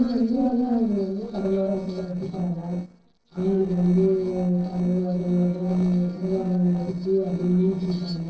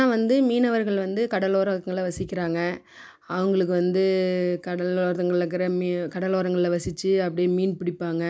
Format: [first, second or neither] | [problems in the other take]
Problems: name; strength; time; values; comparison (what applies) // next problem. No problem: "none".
second | noise reduction (neural separator model SepFormer DNS4)